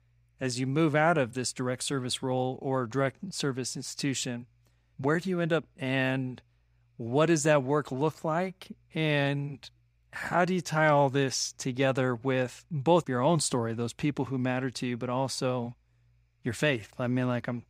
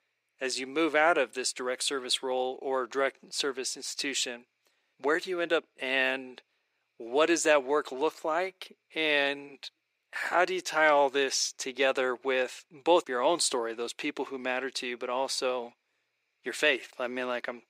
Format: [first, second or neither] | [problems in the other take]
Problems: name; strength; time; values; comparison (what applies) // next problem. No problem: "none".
first | thin; somewhat; fading below 350 Hz